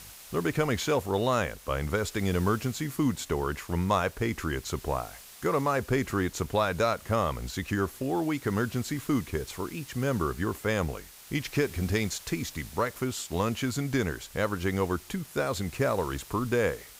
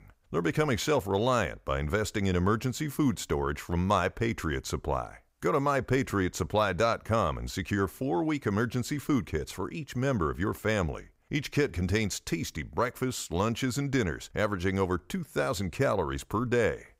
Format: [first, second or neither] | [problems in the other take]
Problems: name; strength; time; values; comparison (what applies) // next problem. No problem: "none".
second | hiss; noticeable; throughout; 15 dB below the speech